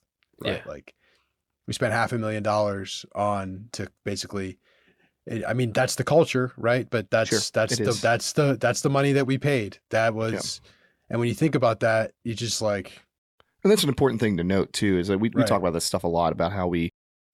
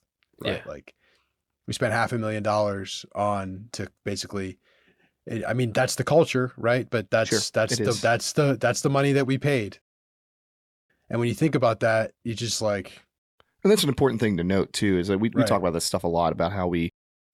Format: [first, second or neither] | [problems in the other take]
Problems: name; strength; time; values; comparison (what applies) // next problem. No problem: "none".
first | audio cutting out; at 10 s for 1 s